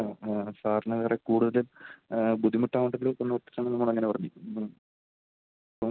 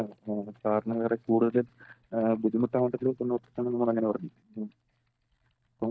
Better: first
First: none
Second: noise reduction (neural mask model DeepFilterNet 3)

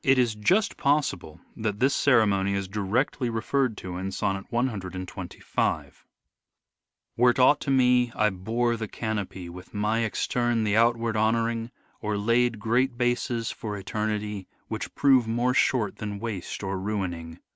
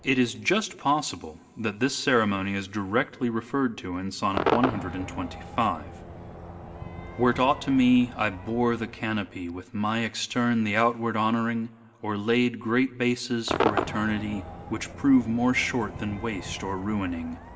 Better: first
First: none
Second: background sound (Crowd / Cheering / Fireworks); 10 dB below the speech // room echo; dies away in 1.3 s

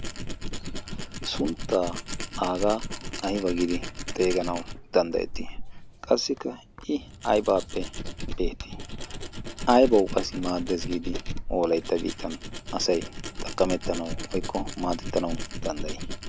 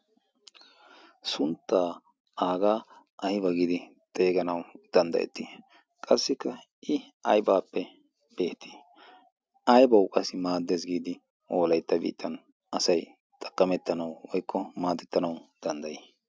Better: second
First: background sound (Tools); 5 dB below the speech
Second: none

